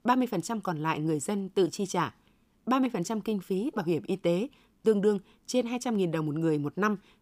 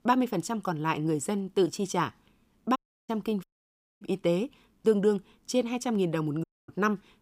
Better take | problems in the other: first | audio cutting out; at 3 s, at 3.5 s for 0.5 s and at 6.5 s

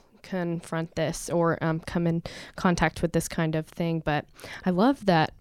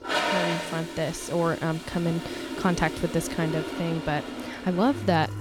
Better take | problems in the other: first | household noises; loud; throughout; 5 dB below the speech

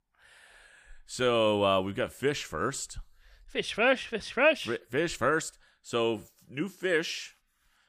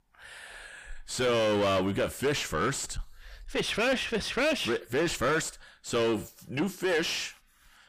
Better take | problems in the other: first | distortion; heavy; 5 dB below the speech

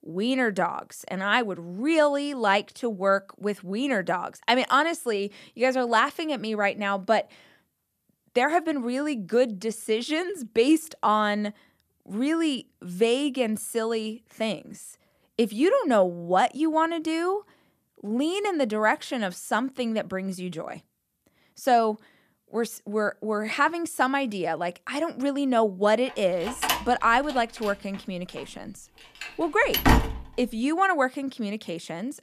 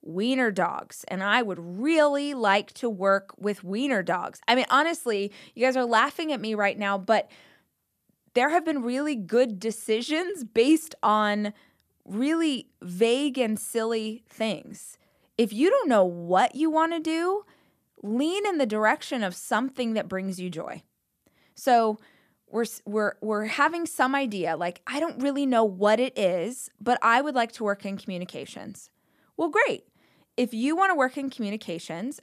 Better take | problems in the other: second | door banging; loud; from 26 to 30 s; peak 5 dB above the speech

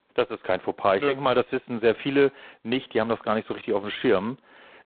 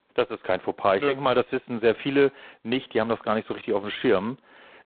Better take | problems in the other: neither | phone-call audio; poor line; nothing above 3.5 kHz; the same in both

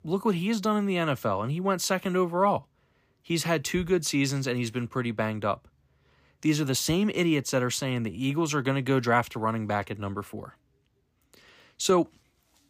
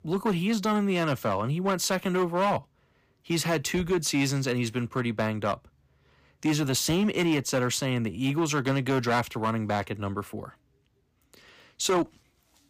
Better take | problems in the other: first | distortion; slight; 6% of the sound clipped

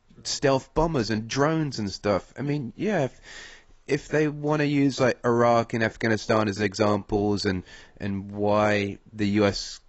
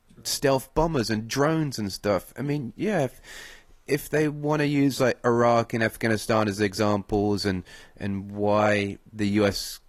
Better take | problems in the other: second | garbled, watery; badly; nothing above 7.5 kHz; slightly in the second

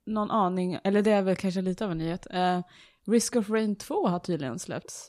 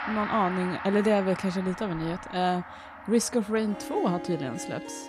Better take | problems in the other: first | background music; noticeable; throughout; 10 dB below the speech

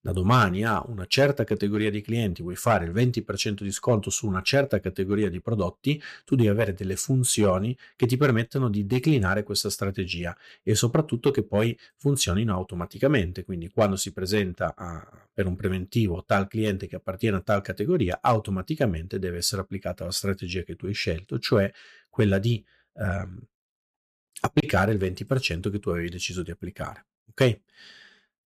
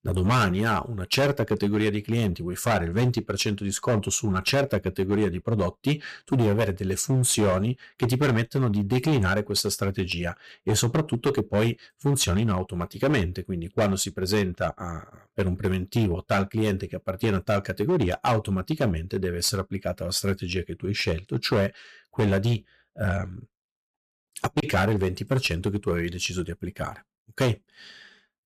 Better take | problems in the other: first | distortion; slight; 8% of the sound clipped

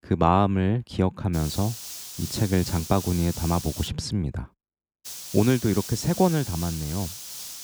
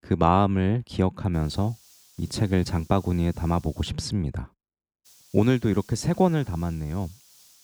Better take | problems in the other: second | hiss; loud; from 1.5 to 4 s and from 5 s on; 10 dB below the speech; faint in the second

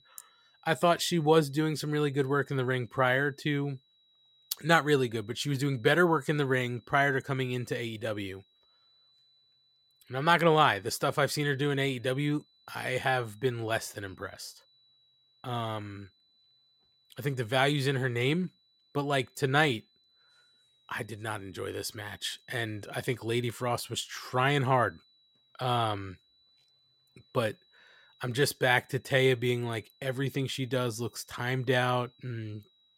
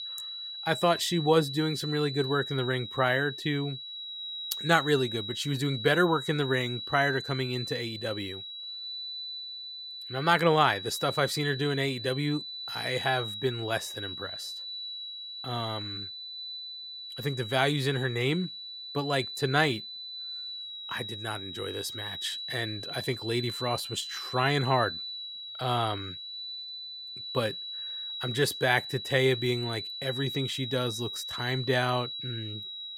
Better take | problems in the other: first | high-pitched whine; loud; throughout; 4 kHz, 7 dB below the speech; faint in the first

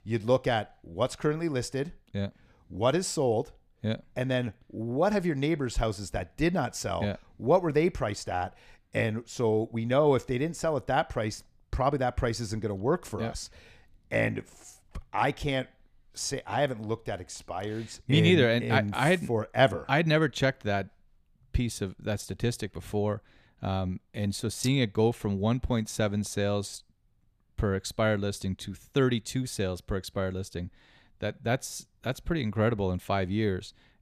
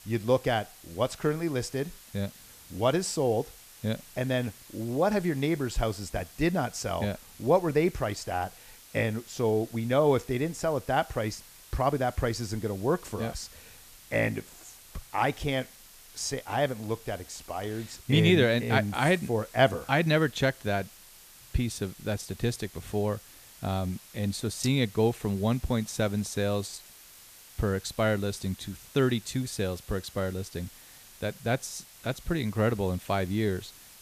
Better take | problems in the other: first | hiss; noticeable; throughout; 20 dB below the speech

